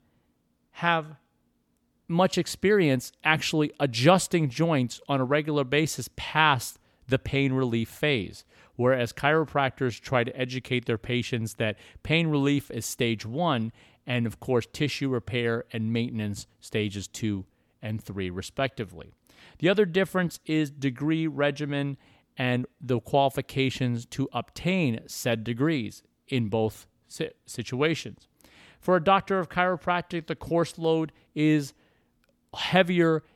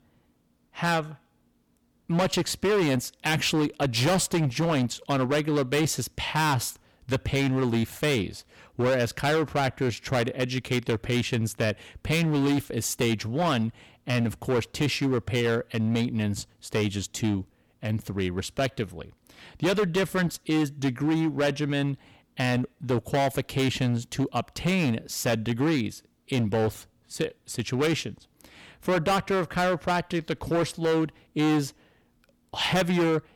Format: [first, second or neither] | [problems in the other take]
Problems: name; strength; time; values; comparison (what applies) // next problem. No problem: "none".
first | distortion; heavy; 13% of the sound clipped